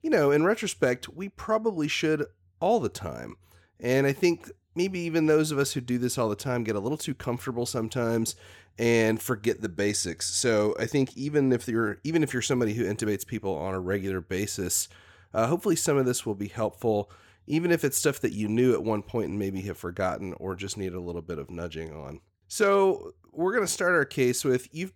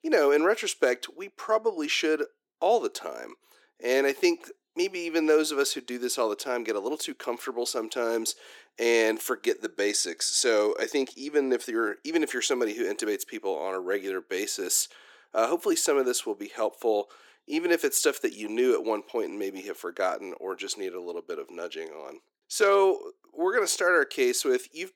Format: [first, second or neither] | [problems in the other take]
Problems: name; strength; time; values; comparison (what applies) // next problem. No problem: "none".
first | thin; somewhat; fading below 300 Hz